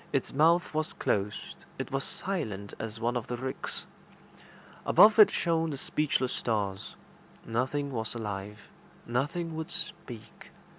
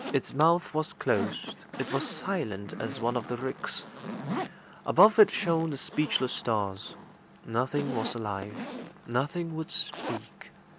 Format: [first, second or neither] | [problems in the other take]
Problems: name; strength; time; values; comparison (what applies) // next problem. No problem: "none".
first | background sound (Zipper (clothing)); 11 dB below the speech